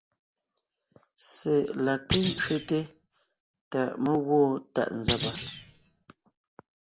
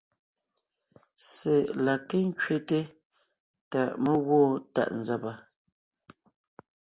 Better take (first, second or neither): second